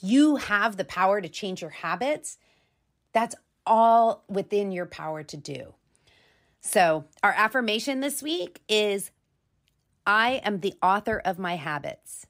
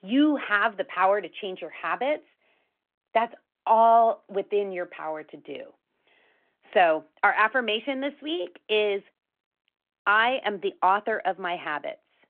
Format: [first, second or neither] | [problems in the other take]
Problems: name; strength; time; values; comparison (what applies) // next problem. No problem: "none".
first | phone-call audio; nothing above 3.5 kHz